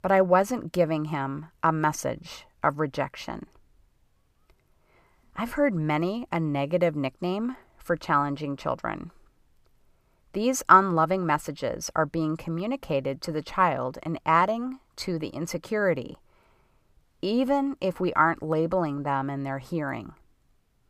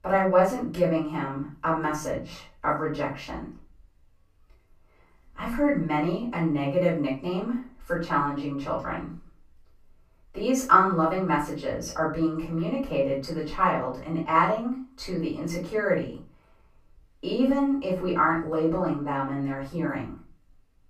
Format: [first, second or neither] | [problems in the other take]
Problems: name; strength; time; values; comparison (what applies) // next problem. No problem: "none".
first | off-mic speech; far // room echo; slight; dies away in 0.3 s